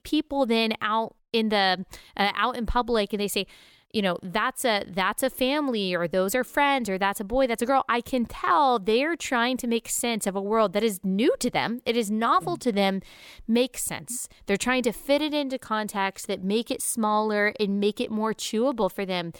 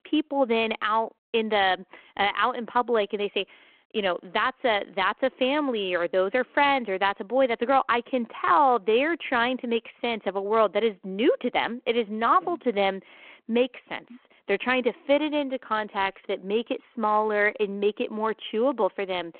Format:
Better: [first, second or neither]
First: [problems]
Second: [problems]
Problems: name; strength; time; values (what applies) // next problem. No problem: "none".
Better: first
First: none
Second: phone-call audio